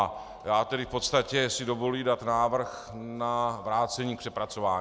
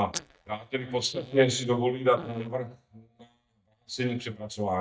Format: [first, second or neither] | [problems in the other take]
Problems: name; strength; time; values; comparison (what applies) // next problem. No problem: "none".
first | noise reduction (neural mask model DeepFilterNet 3)